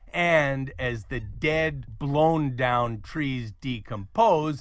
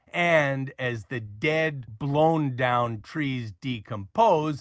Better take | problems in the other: second | background sound (Wind); 18 dB below the speech

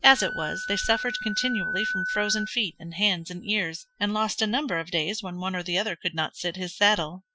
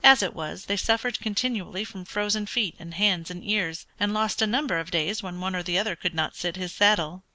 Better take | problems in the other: second | noise reduction (classical method Wiener filter)

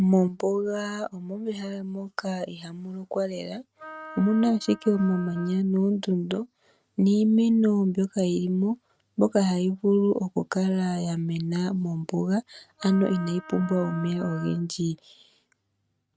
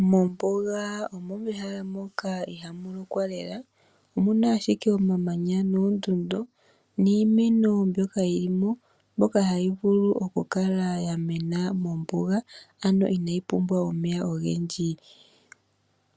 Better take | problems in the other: second | noise reduction (neural mask model RNNoise)

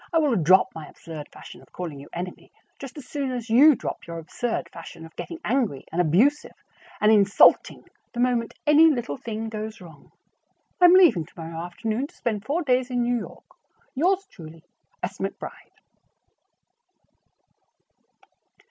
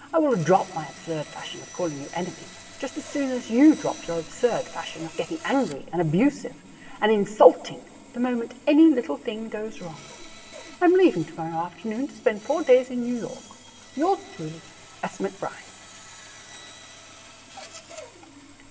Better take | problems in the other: first | background sound (Sawing); 19 dB below the speech // room echo; dies away in 0.8 s

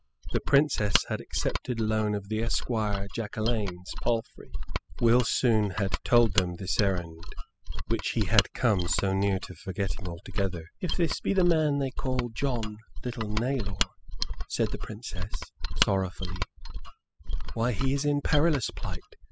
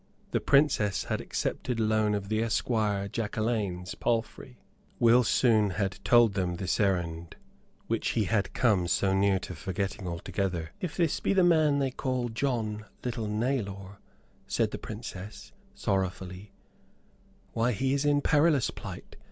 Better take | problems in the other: second | noise reduction (classical method spectral subtraction)

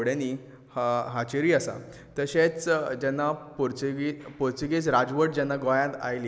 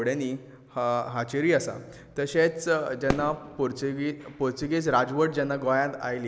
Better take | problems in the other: first | background sound (Fireworks); 11 dB below the speech

